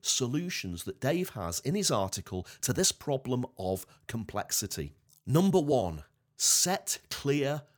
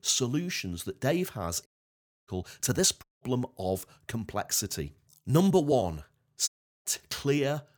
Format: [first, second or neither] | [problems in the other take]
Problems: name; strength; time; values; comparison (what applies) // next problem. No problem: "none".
first | audio cutting out; at 1.5 s for 0.5 s, at 3 s and at 6.5 s